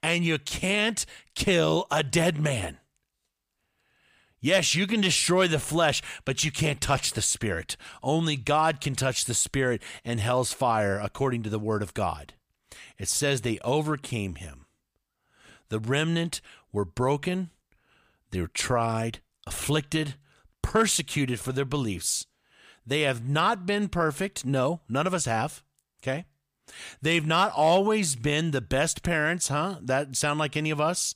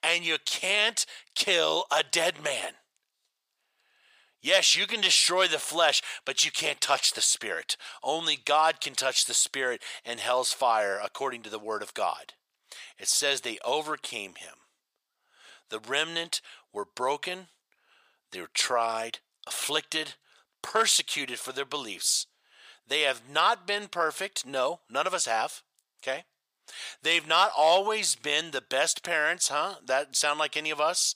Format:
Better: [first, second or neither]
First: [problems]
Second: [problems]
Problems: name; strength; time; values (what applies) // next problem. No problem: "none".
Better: first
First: none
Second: thin; very; fading below 650 Hz